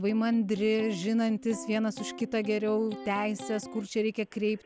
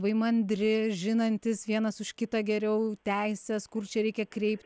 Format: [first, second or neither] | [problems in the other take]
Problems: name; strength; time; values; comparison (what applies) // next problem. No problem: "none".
second | background sound (Electric guitar); 14 dB below the speech